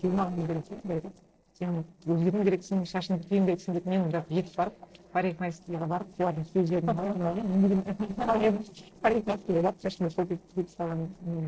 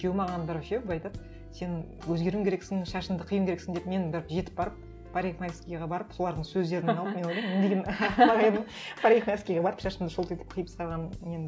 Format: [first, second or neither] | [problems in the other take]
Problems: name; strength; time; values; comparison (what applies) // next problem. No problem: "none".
second | noise reduction (neural separator model SepFormer DNS4)